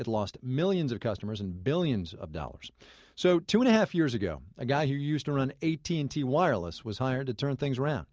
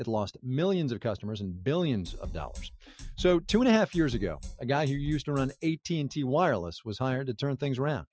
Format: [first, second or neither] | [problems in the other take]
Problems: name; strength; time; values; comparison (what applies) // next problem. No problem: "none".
first | noise reduction (classical method Wiener filter)